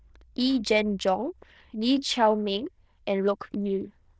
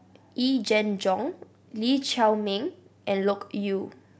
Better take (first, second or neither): second